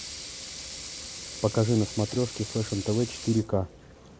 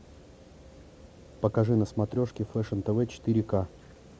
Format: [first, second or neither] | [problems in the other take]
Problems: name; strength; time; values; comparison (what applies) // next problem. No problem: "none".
second | background sound (Sink (filling or washing) / Water tap, faucet / Liquid); 11 dB below the speech